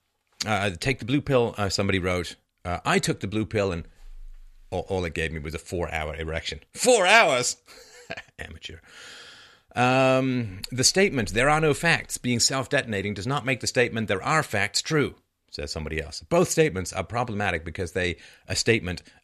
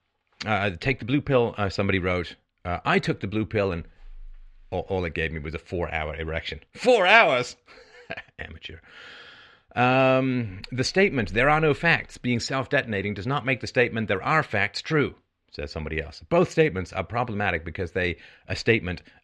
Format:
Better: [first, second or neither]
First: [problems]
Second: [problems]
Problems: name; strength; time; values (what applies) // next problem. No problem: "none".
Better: first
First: none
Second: muffled; slightly; fading above 3 kHz